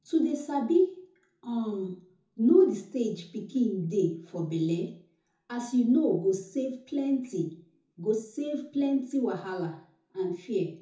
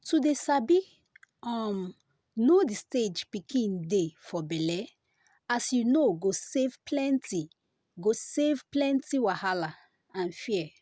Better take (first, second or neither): second